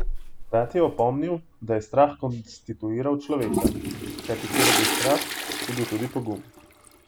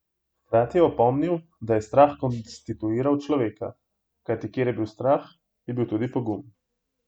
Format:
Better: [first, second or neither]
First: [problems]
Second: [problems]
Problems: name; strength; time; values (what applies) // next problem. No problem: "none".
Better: second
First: background sound (Toilet flush); 2 dB below the speech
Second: none